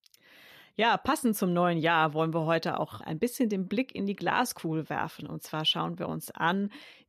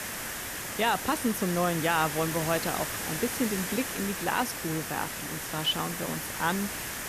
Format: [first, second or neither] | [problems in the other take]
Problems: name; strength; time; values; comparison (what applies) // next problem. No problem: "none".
first | hiss; loud; throughout; 3 dB below the speech